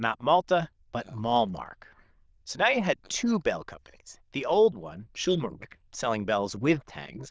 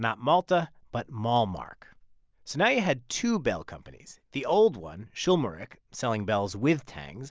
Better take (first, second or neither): second